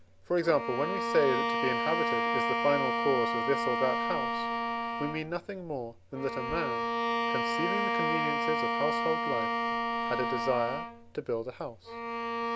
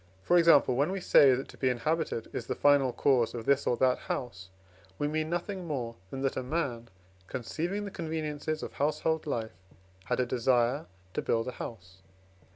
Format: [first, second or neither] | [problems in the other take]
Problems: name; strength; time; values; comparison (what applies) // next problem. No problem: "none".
second | background sound (Bowed string instrument); 2 dB above the speech